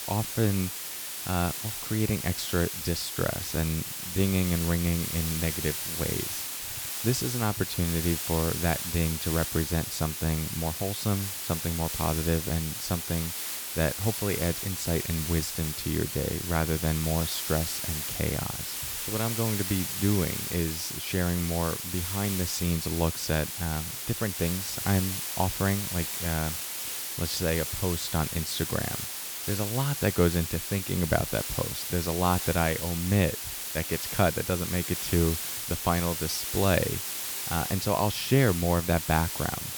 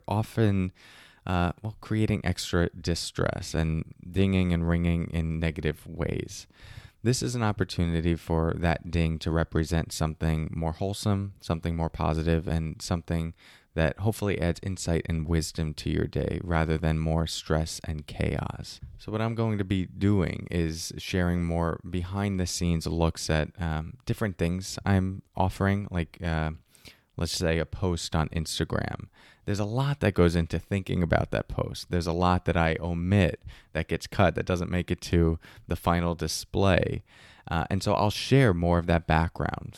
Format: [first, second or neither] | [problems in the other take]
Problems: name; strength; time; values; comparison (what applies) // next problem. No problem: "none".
second | hiss; loud; throughout; 2 dB below the speech